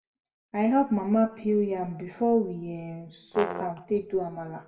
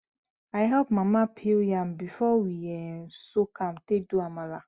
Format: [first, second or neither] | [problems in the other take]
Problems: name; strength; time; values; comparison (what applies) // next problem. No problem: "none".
second | background sound (Brass instrument); 9 dB below the speech // room echo; dies away in 0.6 s